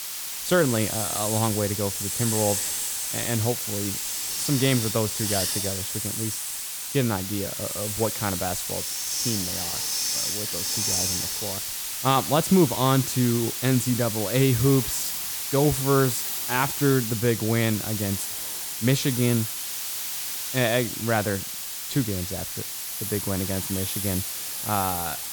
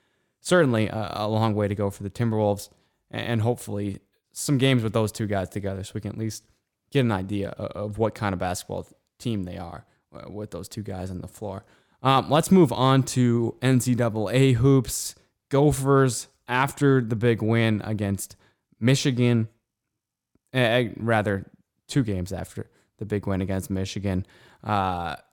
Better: second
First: hiss; loud; throughout; 1 dB below the speech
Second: none

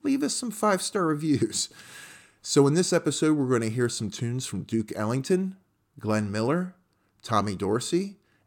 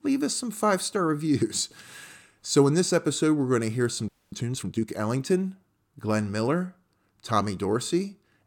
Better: first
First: none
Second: audio freezing; at 4 s

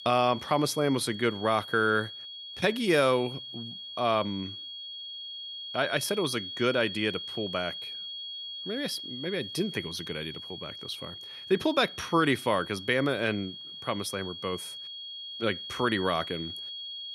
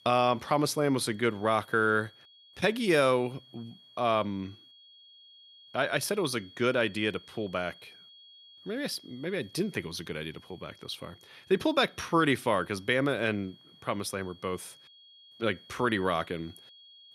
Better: second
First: high-pitched whine; loud; throughout; 3.5 kHz, 9 dB below the speech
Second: high-pitched whine; faint; throughout; 3.5 kHz, 25 dB below the speech

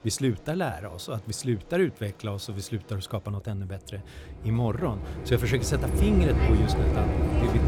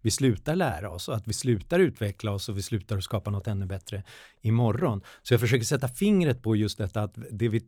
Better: second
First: train or aircraft noise; very loud; throughout; 2 dB above the speech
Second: none

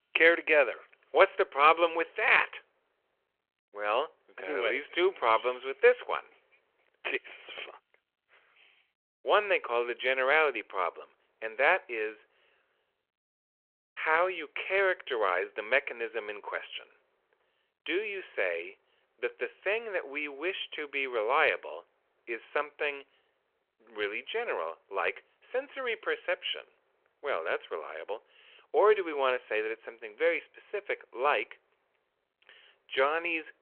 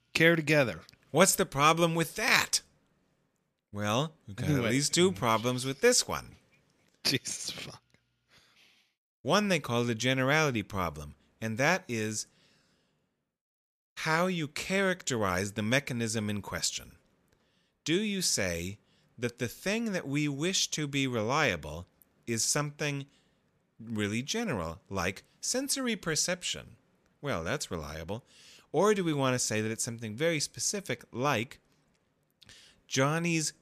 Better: second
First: phone-call audio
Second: none

